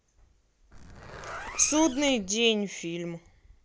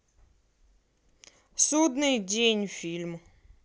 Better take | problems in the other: second | background sound (Zipper (clothing)); 12 dB below the speech

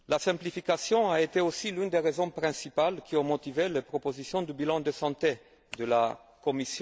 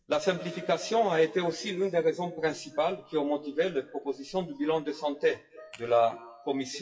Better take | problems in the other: first | noise reduction (classical method WPE with log-MMSE)

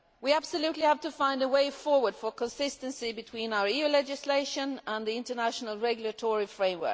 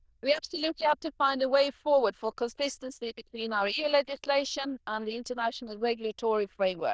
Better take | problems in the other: first | noise reduction (neural diffusion model UNIVERSE++)

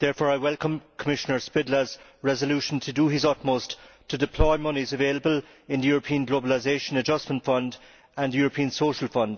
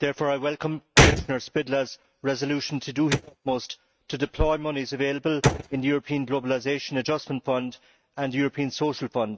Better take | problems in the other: first | noise reduction (neural mask model RNNoise)

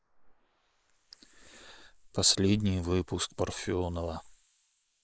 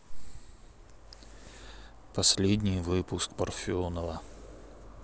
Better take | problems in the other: second | noise reduction (neural mask model Resemble Enhance denoiser)

